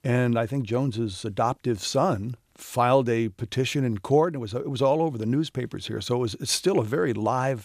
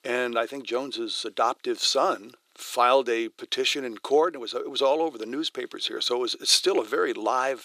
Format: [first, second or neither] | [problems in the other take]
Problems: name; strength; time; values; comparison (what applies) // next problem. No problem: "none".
first | thin; somewhat; fading below 350 Hz